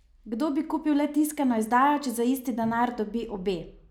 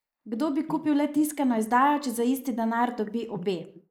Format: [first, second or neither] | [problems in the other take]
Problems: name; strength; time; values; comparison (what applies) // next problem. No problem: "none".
first | noise reduction (neural mask model Resemble Enhance denoiser)